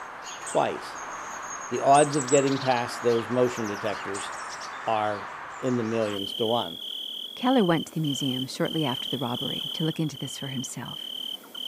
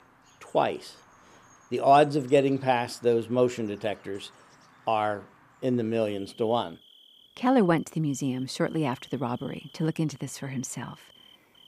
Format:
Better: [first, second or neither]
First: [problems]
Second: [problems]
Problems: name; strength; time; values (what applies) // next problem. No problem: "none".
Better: second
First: animal sounds; loud; throughout; 6 dB below the speech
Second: animal sounds; faint; throughout; 25 dB below the speech